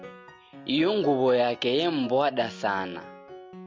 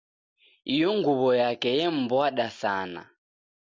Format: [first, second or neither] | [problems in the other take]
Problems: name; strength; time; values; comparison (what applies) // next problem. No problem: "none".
second | background sound (Piano); 17 dB below the speech